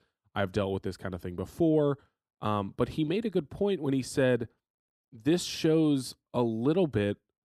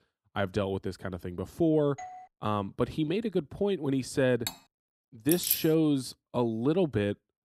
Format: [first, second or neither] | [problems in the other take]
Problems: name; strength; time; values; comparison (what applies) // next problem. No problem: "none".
first | doorbell; faint; at 2 s; peak 15 dB below the speech // clattering dishes; noticeable; at 4.5 s; peak 9 dB below the speech // jangling keys; loud; at 5.5 s; peak 2 dB above the speech